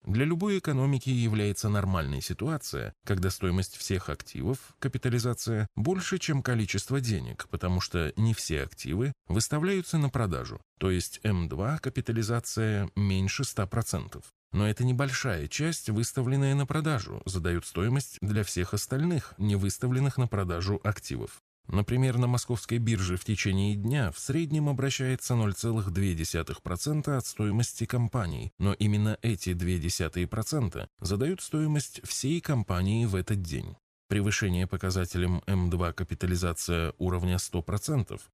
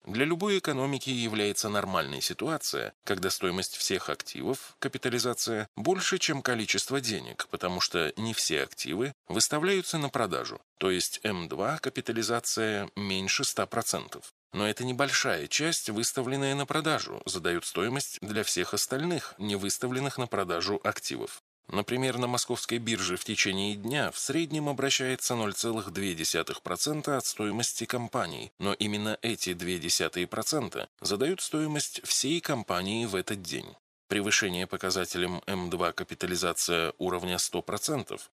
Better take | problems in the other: first | thin; somewhat; fading below 300 Hz

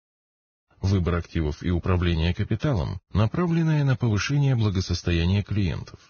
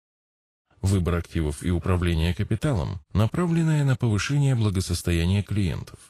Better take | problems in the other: second | garbled, watery; badly; nothing above 6.5 kHz; slightly in the second

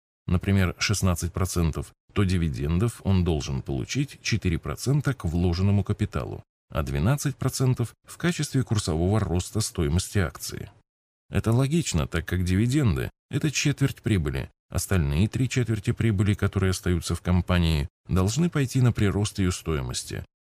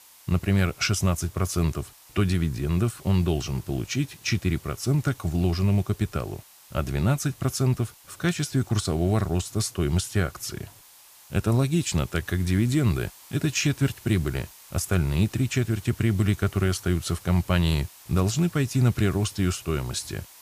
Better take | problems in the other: first | hiss; faint; throughout; 20 dB below the speech

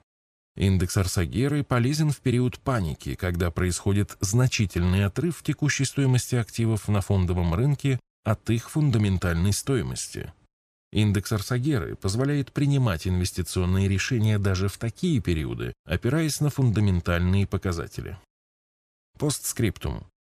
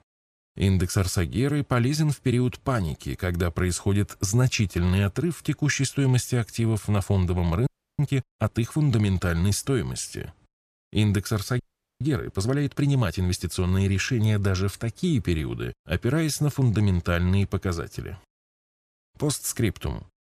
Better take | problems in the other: first | audio freezing; at 7.5 s and at 12 s

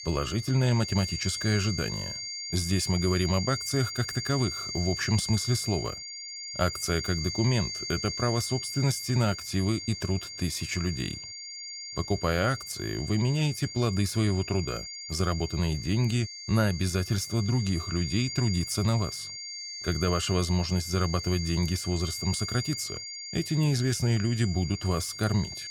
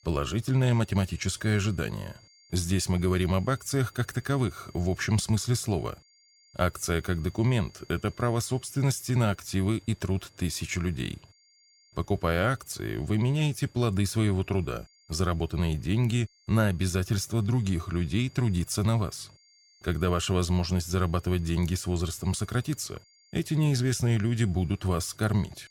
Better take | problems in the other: second | high-pitched whine; loud; throughout; 4.5 kHz, 7 dB below the speech; faint in the second

